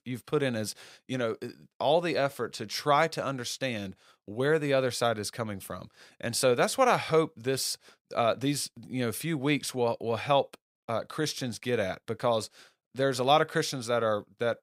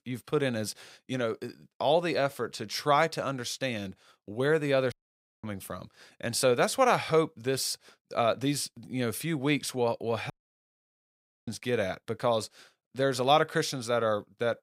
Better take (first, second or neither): first